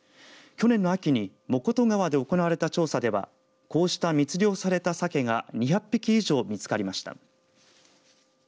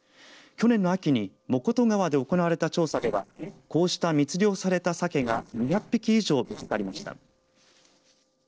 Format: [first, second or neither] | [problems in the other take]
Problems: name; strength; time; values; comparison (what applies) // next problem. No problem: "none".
first | noise reduction (neural separator model SepFormer DNS4)